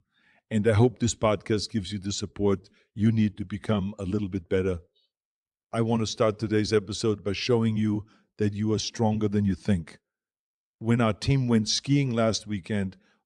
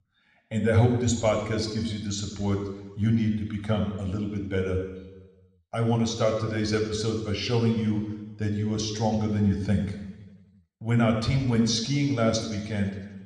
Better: first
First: none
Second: room echo; noticeable; dies away in 1.1 s

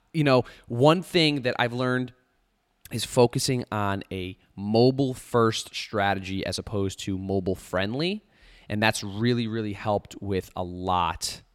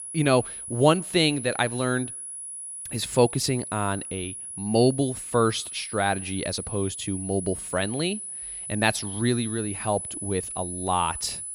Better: first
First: none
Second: high-pitched whine; loud; throughout; 10 kHz, 8 dB below the speech

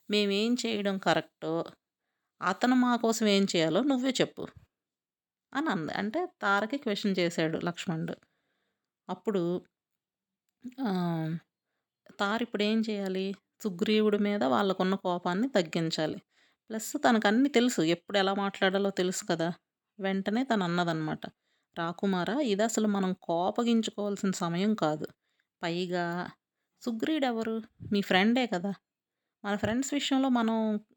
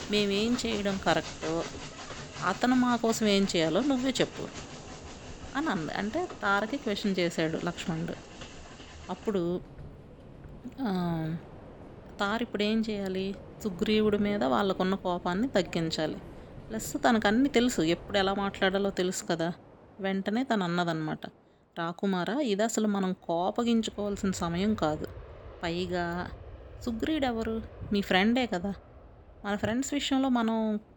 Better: first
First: none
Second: train or aircraft noise; noticeable; throughout; 15 dB below the speech

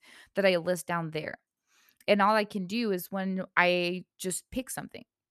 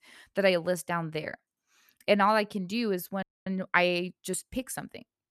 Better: first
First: none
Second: audio freezing; at 3 s

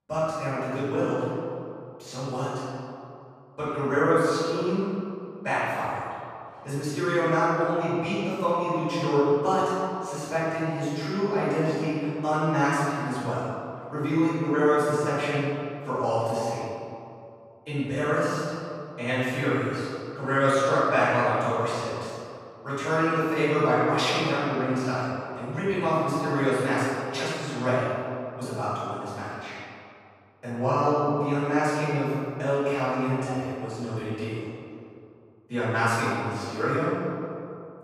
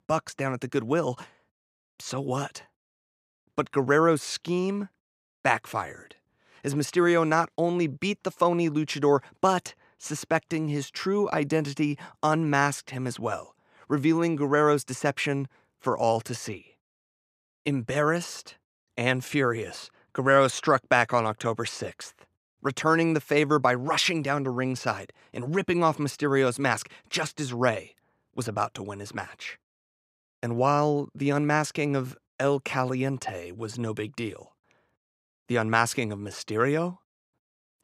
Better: second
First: room echo; strong; dies away in 2.3 s // off-mic speech; far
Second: none

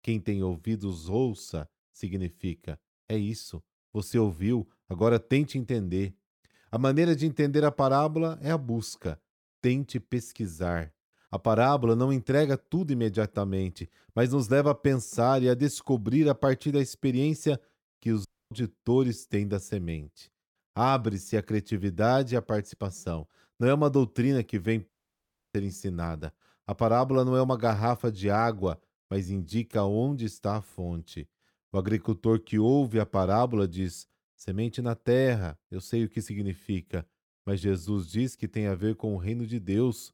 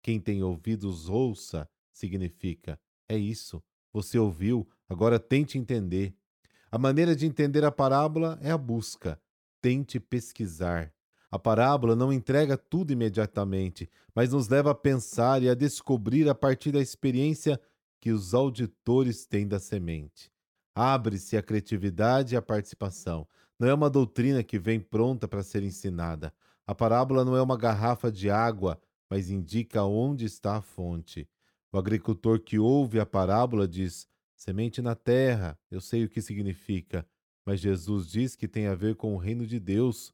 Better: second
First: audio cutting out; at 18 s and at 25 s for 0.5 s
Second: none

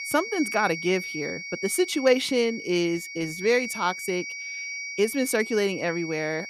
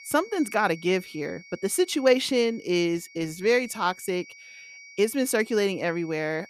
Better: second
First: high-pitched whine; loud; throughout; 2 kHz, 8 dB below the speech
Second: high-pitched whine; faint; throughout; 2 kHz, 20 dB below the speech

